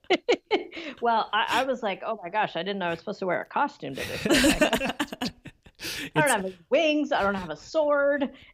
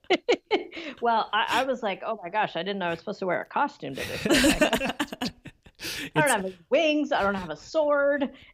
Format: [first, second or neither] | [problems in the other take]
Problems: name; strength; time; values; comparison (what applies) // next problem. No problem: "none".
neither | none